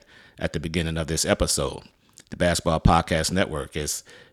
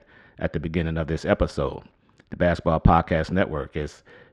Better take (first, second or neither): first